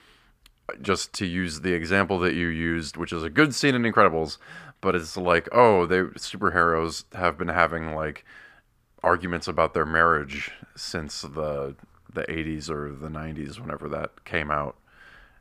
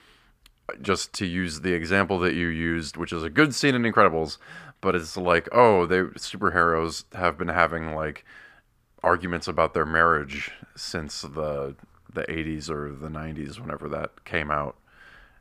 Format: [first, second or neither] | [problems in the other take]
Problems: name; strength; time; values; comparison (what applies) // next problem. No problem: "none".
neither | muffled; slightly; fading above 2.5 kHz; the same in both